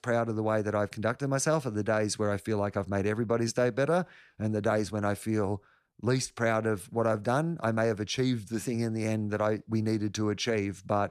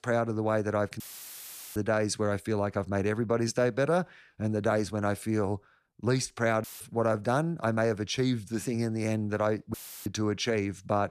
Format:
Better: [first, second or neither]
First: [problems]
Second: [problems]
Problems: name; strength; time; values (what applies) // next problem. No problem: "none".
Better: first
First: none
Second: audio cutting out; filled with static; at 1 s for 1 s, at 6.5 s and at 9.5 s